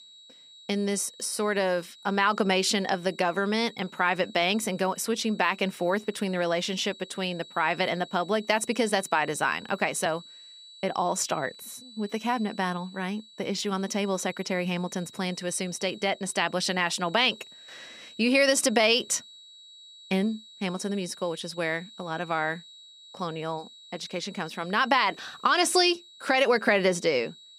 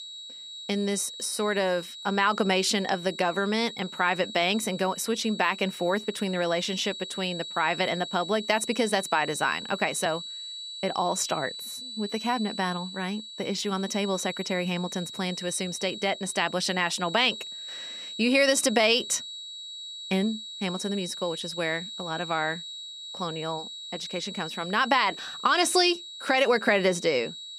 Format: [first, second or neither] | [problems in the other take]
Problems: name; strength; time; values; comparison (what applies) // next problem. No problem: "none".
first | high-pitched whine; loud; throughout; 4 kHz, 10 dB below the speech; faint in the first